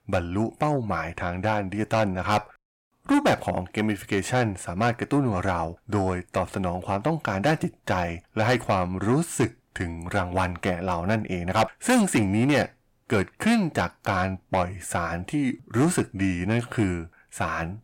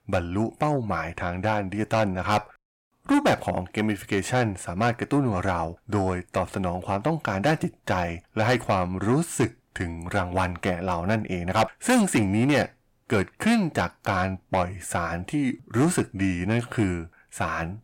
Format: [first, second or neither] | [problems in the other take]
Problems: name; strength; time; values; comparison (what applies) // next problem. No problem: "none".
neither | distortion; heavy; 7 dB below the speech; the same in both